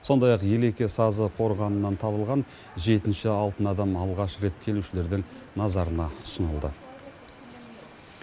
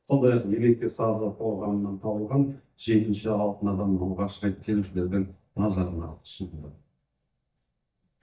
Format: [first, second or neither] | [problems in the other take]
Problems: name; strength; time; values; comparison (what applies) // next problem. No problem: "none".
first | noise reduction (neural mask model DeepFilterNet 3)